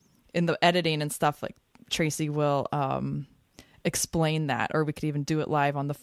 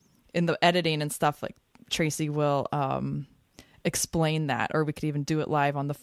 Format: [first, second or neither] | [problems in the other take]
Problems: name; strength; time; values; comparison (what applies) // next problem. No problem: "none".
neither | none